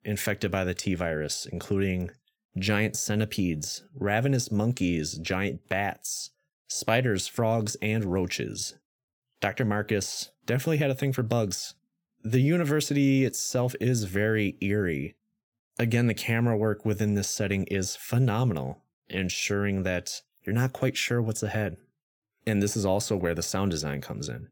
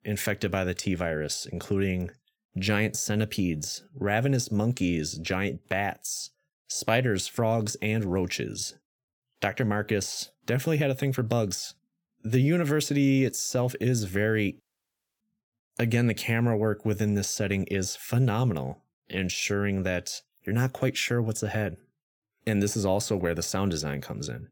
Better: first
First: none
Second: audio cutting out; at 15 s for 0.5 s

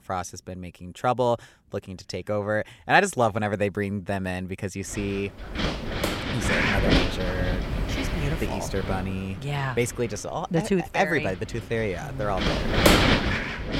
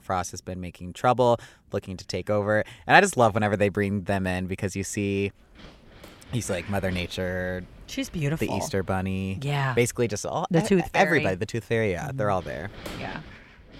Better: second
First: wind noise on the microphone; heavy; from 5 s on; 2 dB above the speech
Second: wind noise on the microphone; occasional gusts; from 5 s on; 20 dB below the speech

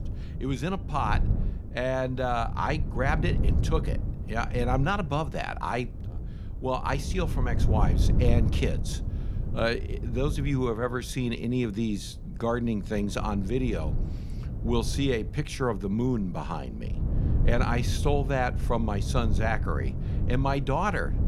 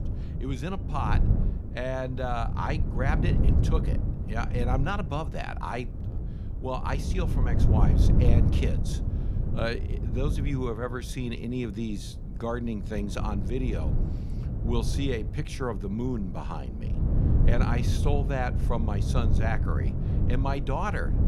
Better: first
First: wind noise on the microphone; occasional gusts; 15 dB below the speech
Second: wind noise on the microphone; heavy; 7 dB below the speech

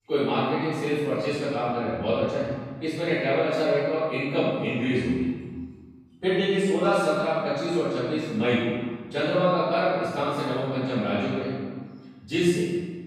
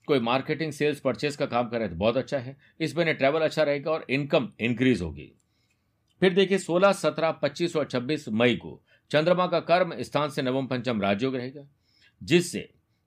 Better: second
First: room echo; strong; dies away in 1.4 s // off-mic speech; far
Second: none

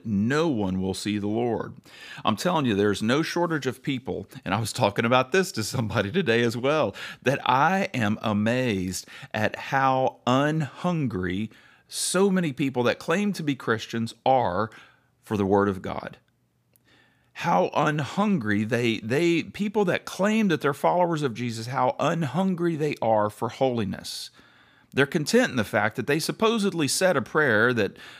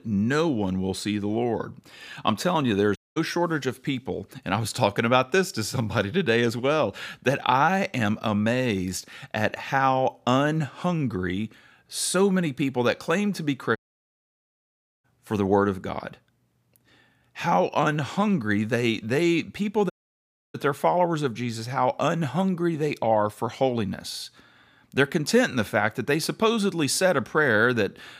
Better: first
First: none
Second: audio cutting out; at 3 s, at 14 s for 1.5 s and at 20 s for 0.5 s

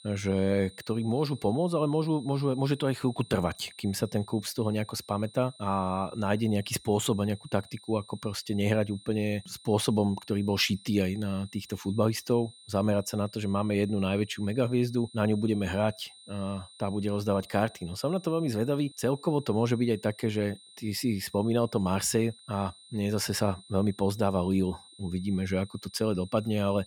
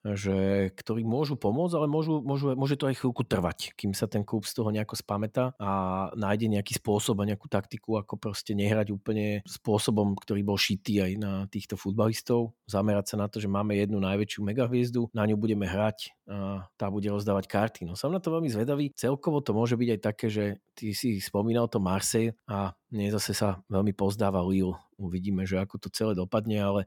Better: second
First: high-pitched whine; faint; throughout; 4 kHz, 20 dB below the speech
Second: none

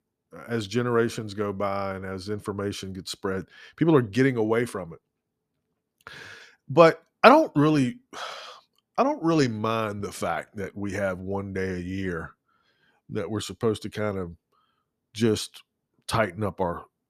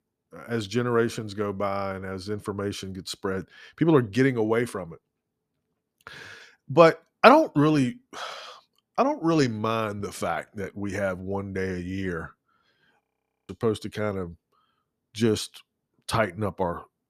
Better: first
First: none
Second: audio freezing; at 13 s

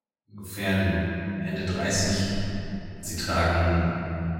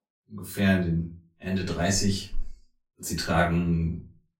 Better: second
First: room echo; strong; dies away in 3 s // off-mic speech; far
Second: room echo; slight; dies away in 0.3 s // off-mic speech; far

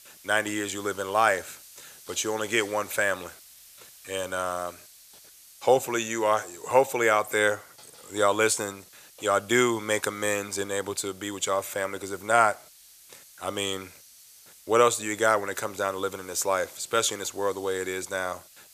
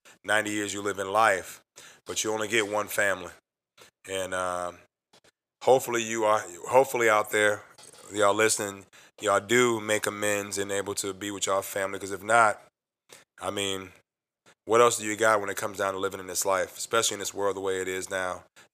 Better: second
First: hiss; faint; throughout; 20 dB below the speech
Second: none

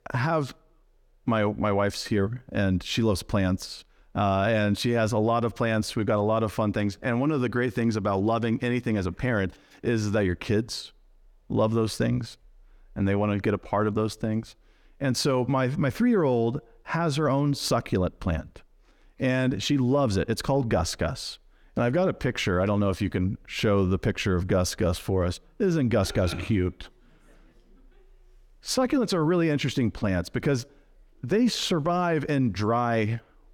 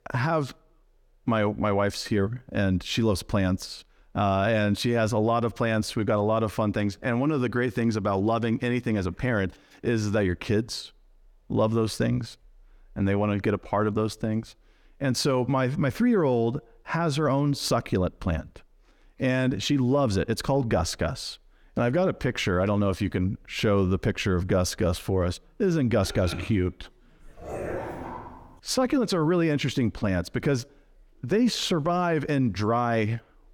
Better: first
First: none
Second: dog barking; noticeable; from 27 to 28 s; peak 7 dB below the speech

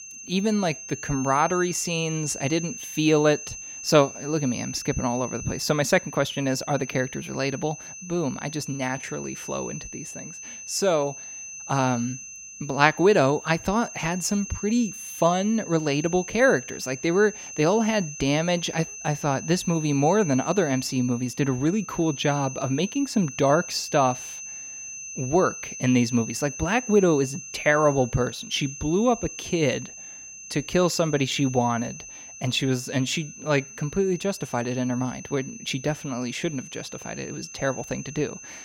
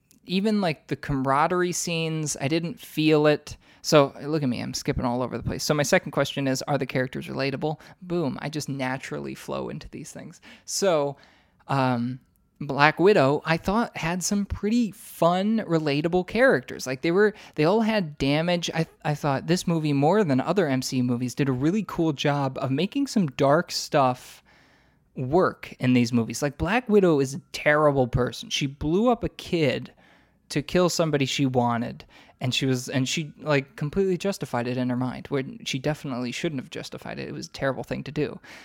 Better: second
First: high-pitched whine; noticeable; throughout; 6 kHz, 10 dB below the speech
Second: none

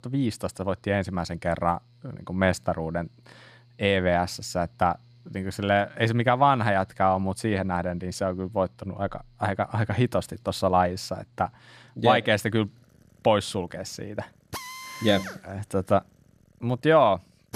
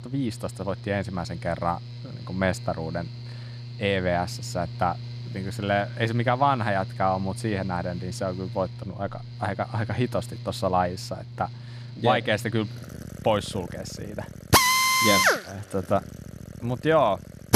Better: first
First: machinery noise; faint; throughout; 25 dB below the speech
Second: machinery noise; loud; throughout; 2 dB below the speech

